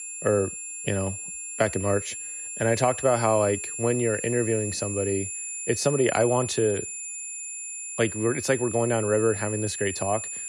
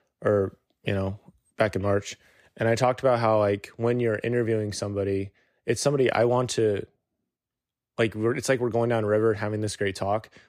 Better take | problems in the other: second | high-pitched whine; loud; throughout; 7.5 kHz, 6 dB below the speech

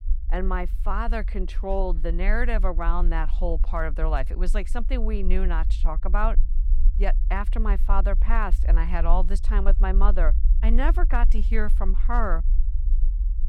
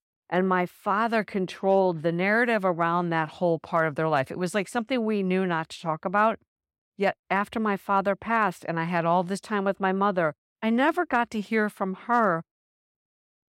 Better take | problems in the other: second | low rumble; noticeable; throughout; 20 dB below the speech

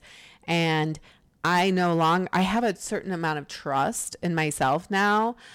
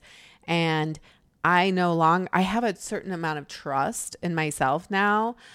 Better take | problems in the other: second | distortion; slight; 5% of the sound clipped

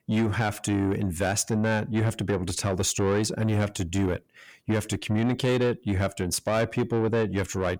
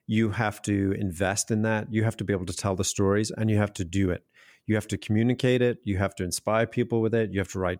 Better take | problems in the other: second | distortion; slight; 9 dB below the speech

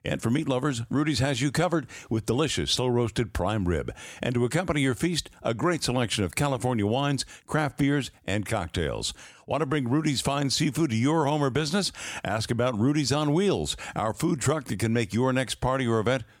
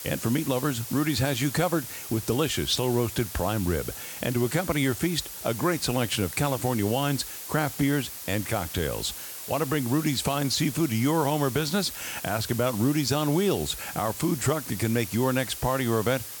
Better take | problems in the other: first | hiss; loud; throughout; 9 dB below the speech

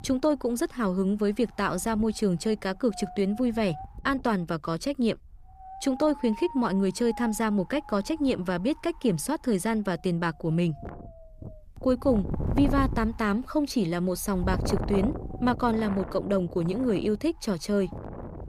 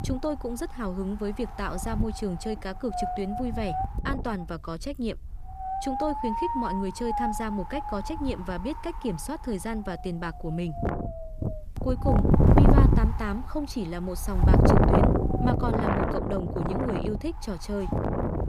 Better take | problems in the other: first | wind noise on the microphone; heavy; 4 dB above the speech; occasional gusts in the first

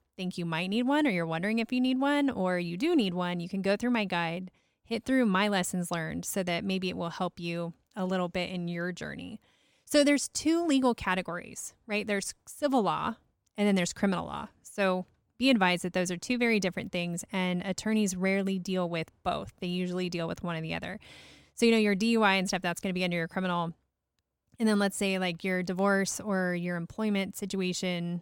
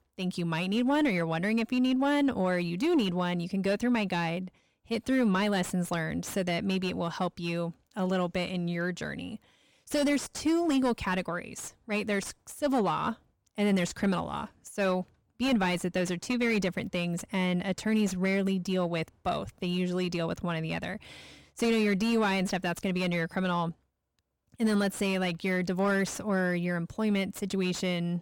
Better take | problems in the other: first | distortion; slight; 10 dB below the speech

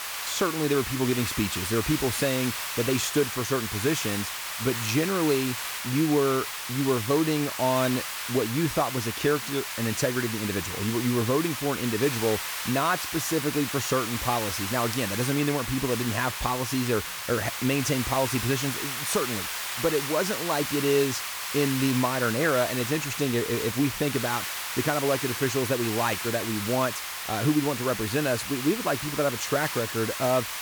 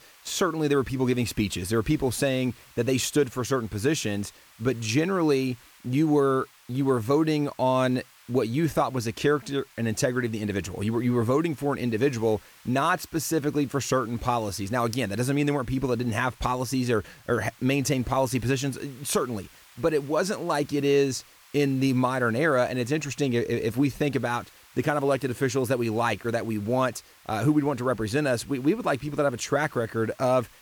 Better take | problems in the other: second | hiss; loud; throughout; 4 dB below the speech; faint in the second

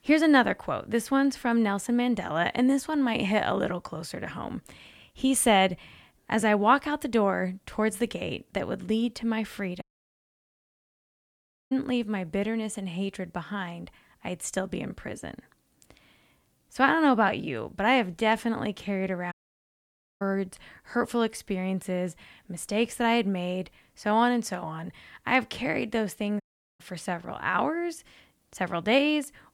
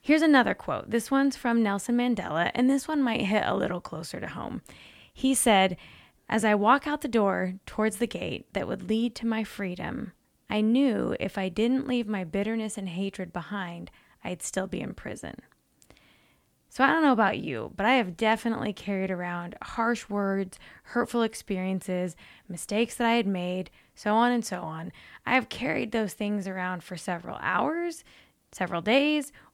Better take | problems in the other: second | audio cutting out; at 10 s for 2 s, at 19 s for 1 s and at 26 s

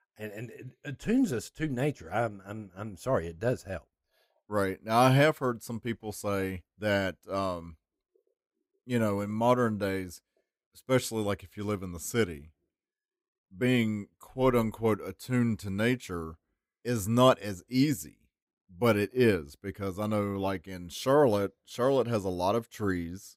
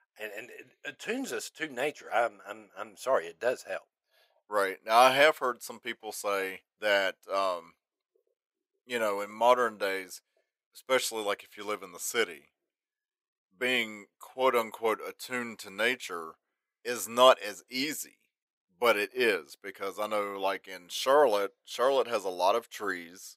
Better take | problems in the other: first | thin; very; fading below 650 Hz

